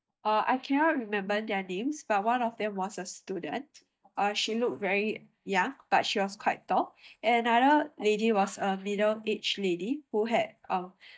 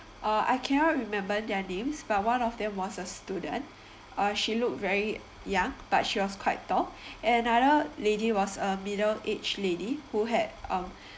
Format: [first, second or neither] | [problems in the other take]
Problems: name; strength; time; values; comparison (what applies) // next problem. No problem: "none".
second | noise reduction (neural mask model DeepFilterNet 3)